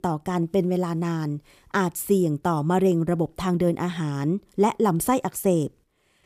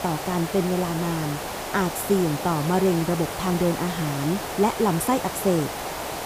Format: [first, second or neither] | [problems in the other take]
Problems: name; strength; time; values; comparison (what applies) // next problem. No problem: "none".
first | hiss; loud; throughout; 6 dB below the speech